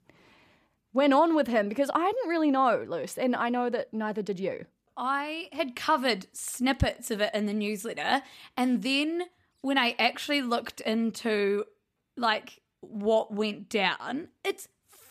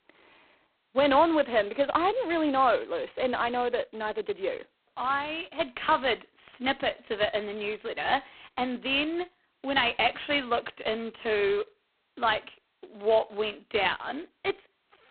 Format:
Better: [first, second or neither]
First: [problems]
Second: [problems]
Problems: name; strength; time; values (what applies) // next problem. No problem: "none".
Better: first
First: none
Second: phone-call audio; poor line; nothing above 4 kHz